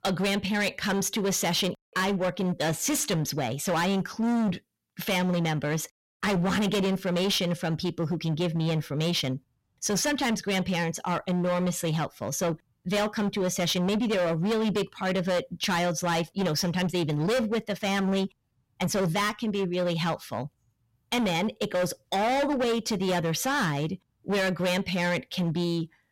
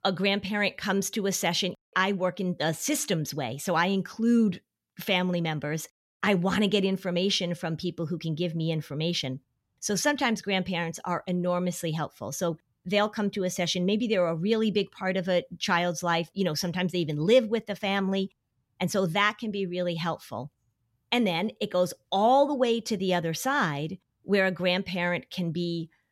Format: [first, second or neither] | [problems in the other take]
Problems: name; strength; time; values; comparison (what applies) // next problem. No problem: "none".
second | distortion; heavy; 21% of the sound clipped